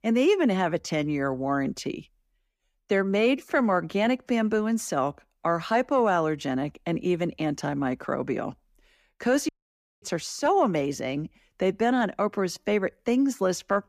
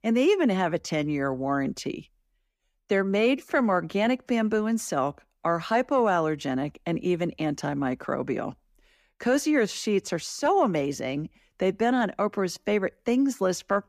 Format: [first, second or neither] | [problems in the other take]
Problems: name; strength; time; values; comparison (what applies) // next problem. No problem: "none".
second | audio cutting out; at 9.5 s for 0.5 s